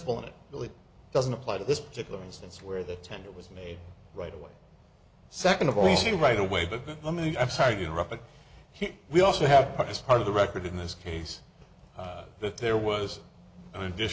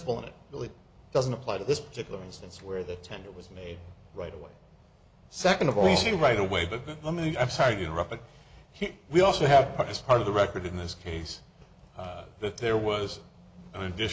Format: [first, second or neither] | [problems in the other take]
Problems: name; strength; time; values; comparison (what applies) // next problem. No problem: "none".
second | background sound (Wind instrument, woodwind instrument); 18 dB below the speech